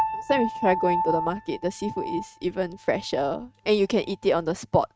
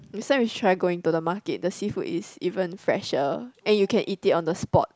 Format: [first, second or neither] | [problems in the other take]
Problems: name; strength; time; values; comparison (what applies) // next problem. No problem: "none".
second | noise reduction (neural mask model RNNoise)